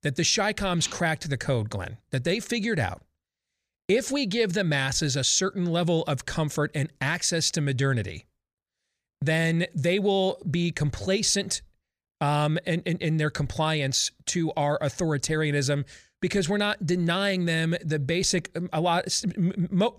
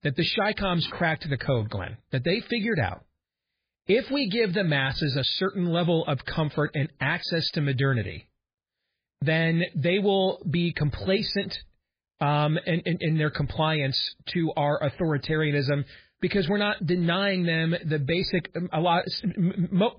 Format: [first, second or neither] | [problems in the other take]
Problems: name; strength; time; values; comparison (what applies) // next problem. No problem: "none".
first | garbled, watery; badly